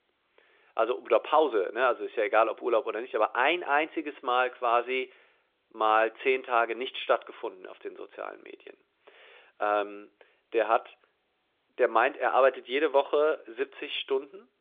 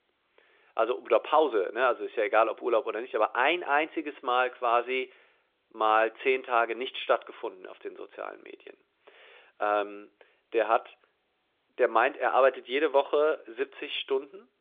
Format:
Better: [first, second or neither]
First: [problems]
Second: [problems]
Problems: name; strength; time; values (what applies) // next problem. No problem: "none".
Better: neither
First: phone-call audio; nothing above 3.5 kHz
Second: phone-call audio; nothing above 3.5 kHz